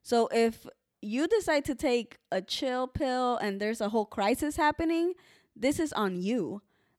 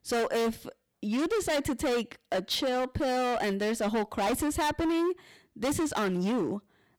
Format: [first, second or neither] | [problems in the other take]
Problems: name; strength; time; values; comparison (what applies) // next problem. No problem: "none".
first | distortion; heavy; 24% of the sound clipped